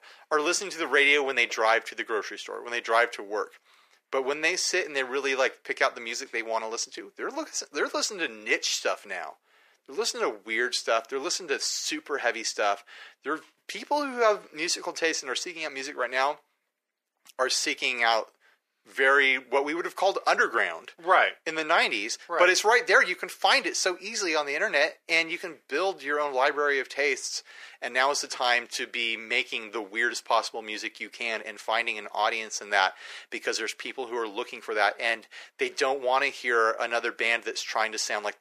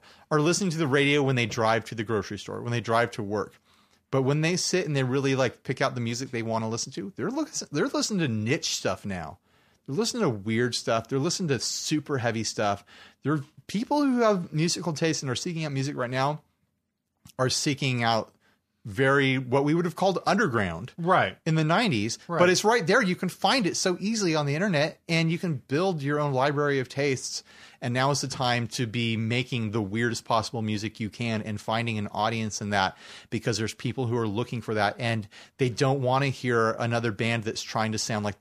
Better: second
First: thin; very; fading below 400 Hz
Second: none

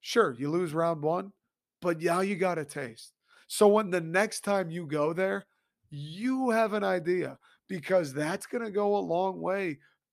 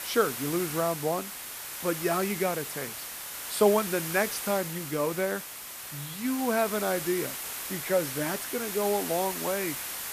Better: first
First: none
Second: hiss; loud; throughout; 5 dB below the speech

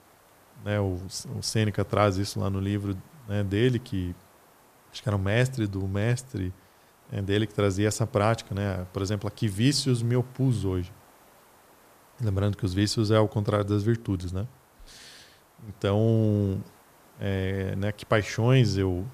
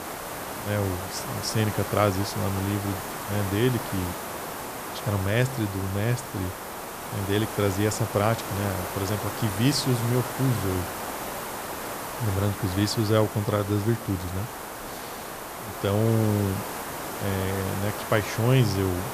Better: first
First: hiss; faint; throughout; 30 dB below the speech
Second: hiss; loud; throughout; 6 dB below the speech

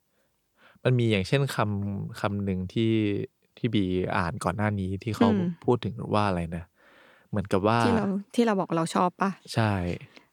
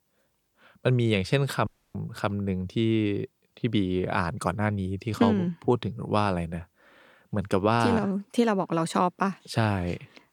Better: first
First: none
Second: audio cutting out; at 1.5 s

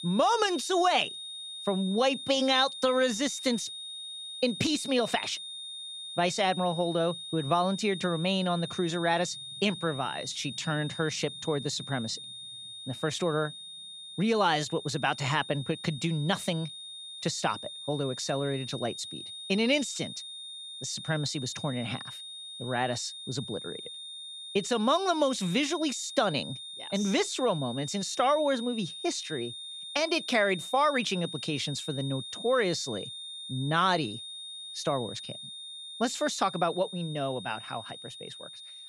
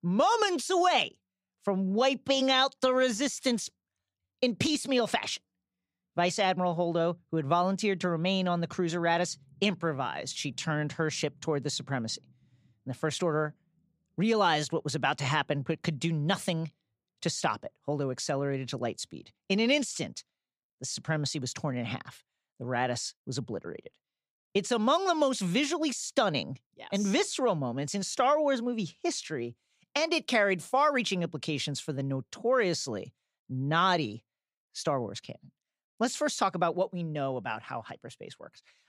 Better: second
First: high-pitched whine; loud; throughout; 3.5 kHz, 9 dB below the speech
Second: none

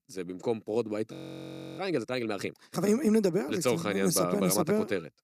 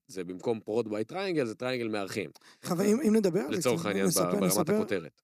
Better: second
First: audio freezing; at 1 s for 0.5 s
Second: none

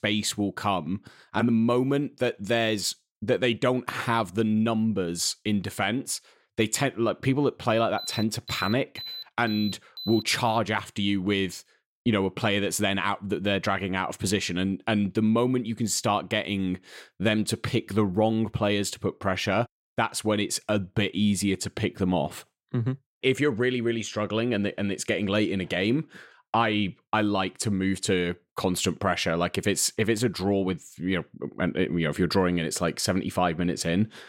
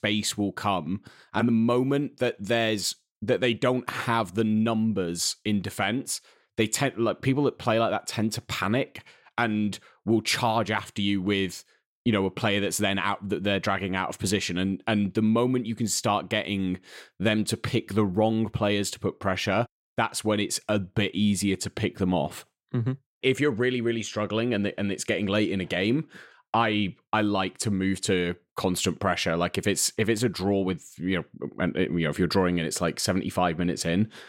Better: second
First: alarm; noticeable; from 8 to 10 s; peak 9 dB below the speech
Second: none

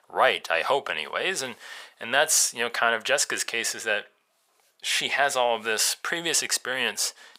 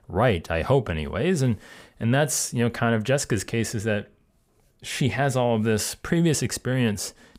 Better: second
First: thin; very; fading below 850 Hz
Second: none

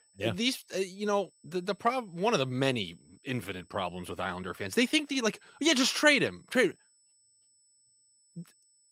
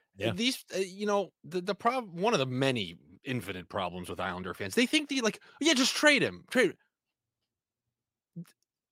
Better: second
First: high-pitched whine; faint; throughout; 8 kHz, 35 dB below the speech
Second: none

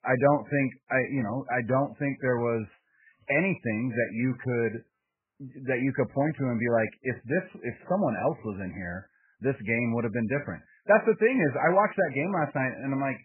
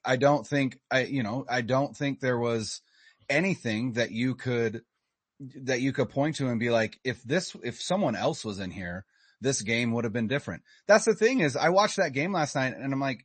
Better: second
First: garbled, watery; badly; nothing above 2.5 kHz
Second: garbled, watery; slightly; nothing above 8 kHz

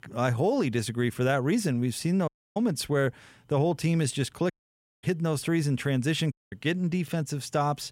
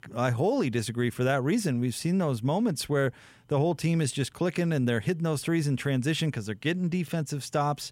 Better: second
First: audio cutting out; at 2.5 s, at 4.5 s for 0.5 s and at 6.5 s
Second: none

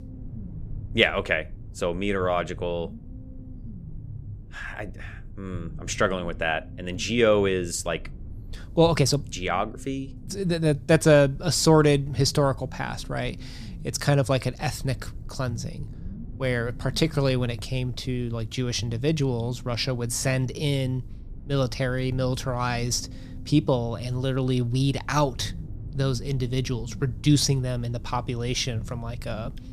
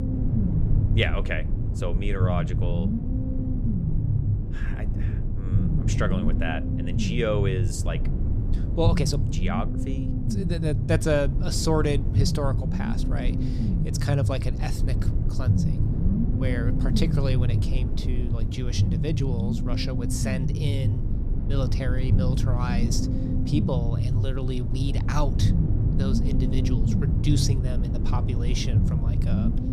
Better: first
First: low rumble; faint; throughout; 25 dB below the speech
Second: low rumble; loud; throughout; 4 dB below the speech

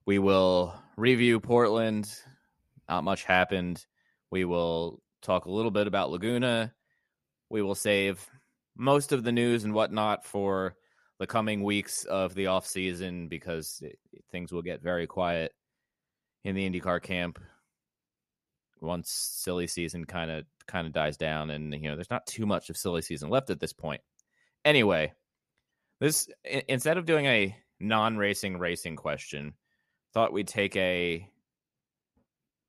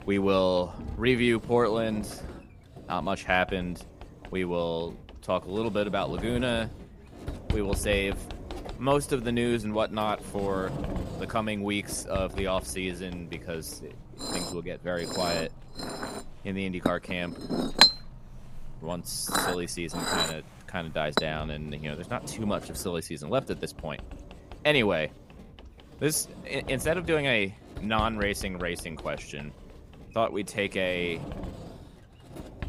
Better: first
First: none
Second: household noises; loud; throughout; 3 dB below the speech

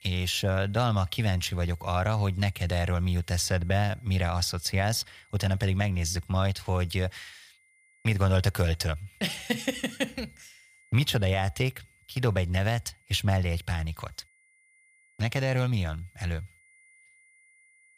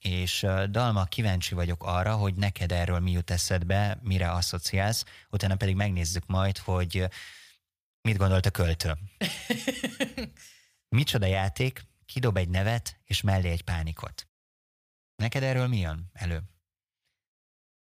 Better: second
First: high-pitched whine; faint; throughout; 2 kHz, 30 dB below the speech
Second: none

